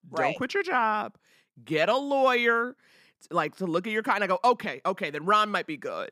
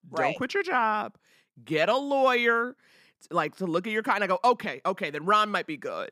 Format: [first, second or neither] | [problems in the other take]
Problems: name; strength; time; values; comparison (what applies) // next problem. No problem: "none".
neither | none